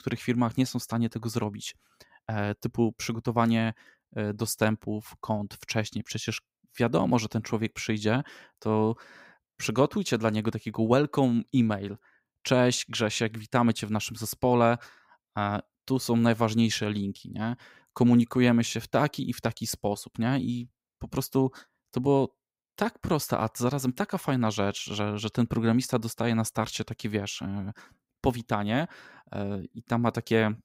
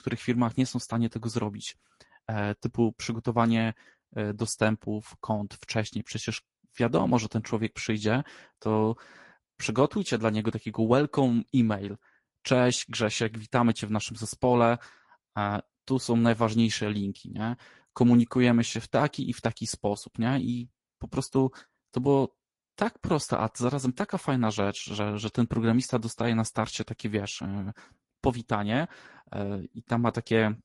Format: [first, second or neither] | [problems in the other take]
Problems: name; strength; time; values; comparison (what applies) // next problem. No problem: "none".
first | garbled, watery; slightly; nothing above 11 kHz